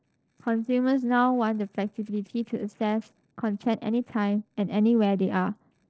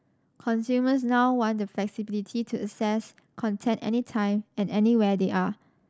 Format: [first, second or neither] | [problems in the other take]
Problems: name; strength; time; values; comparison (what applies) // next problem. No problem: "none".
second | noise reduction (neural separator model SepFormer DNS4)